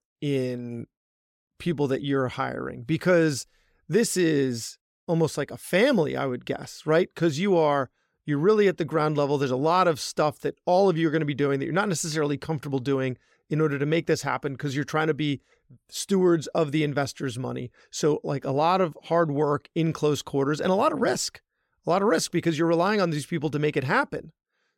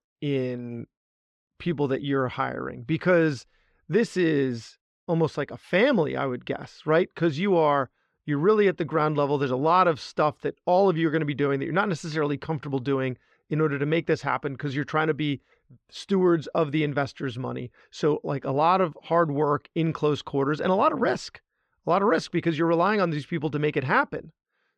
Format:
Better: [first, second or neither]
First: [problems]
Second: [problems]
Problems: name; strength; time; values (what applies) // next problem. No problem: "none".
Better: first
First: none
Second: muffled; slightly; fading above 3 kHz